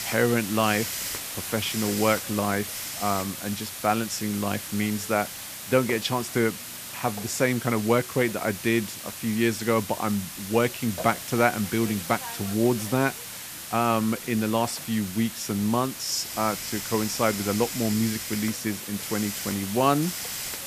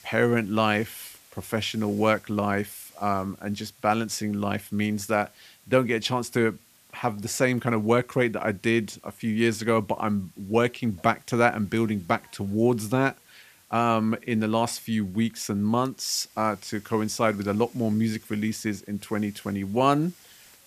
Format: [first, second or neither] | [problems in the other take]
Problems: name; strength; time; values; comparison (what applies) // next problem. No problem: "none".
second | hiss; loud; throughout; 7 dB below the speech; faint in the second